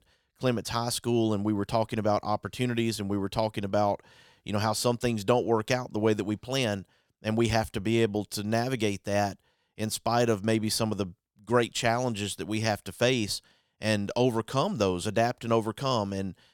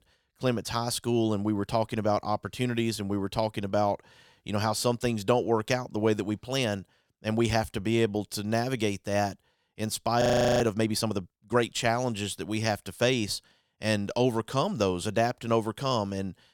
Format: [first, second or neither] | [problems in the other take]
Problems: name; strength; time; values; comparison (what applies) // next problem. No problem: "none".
first | audio freezing; at 10 s